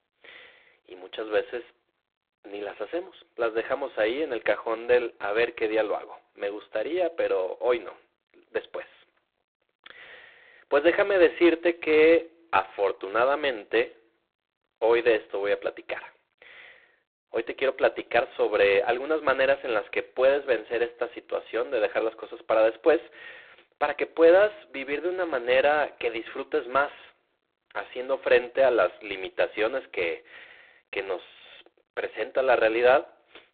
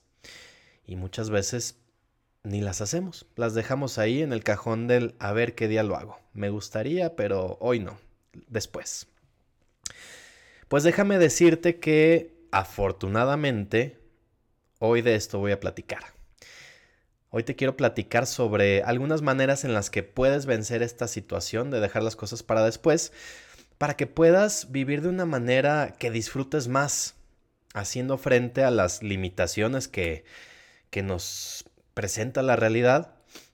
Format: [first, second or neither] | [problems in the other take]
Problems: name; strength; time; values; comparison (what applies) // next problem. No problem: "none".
second | phone-call audio; poor line; nothing above 4 kHz